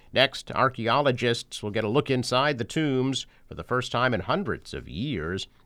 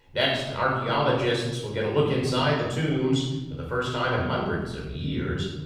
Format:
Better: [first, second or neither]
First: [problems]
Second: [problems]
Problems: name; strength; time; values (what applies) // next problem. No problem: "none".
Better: first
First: none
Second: off-mic speech; far // room echo; noticeable; dies away in 1.3 s